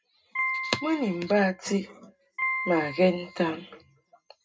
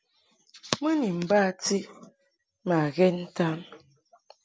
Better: second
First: background sound (Piano); 7 dB below the speech // room echo; dies away in 0.2 s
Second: none

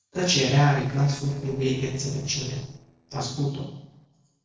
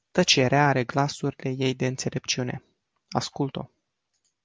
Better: second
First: noise reduction (neural separator model SepFormer DNS4)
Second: none

